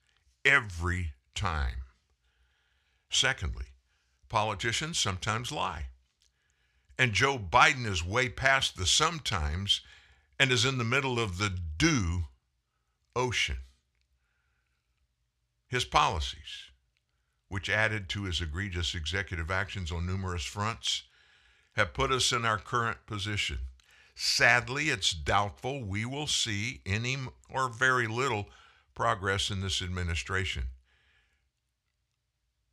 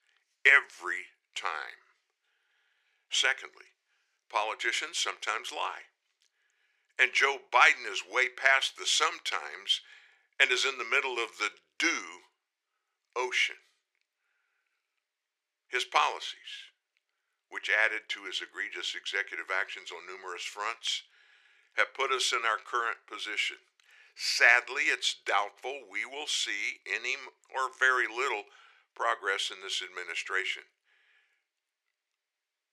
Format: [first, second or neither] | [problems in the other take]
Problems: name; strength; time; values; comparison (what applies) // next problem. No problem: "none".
first | thin; very; fading below 350 Hz